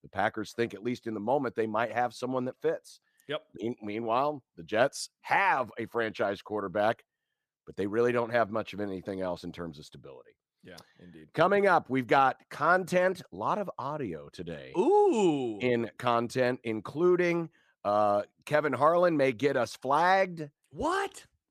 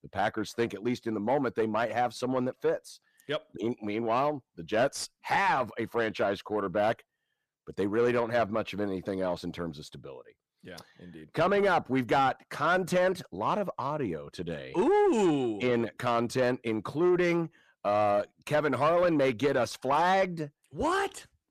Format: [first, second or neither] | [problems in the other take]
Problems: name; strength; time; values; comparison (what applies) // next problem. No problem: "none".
first | distortion; slight; 10 dB below the speech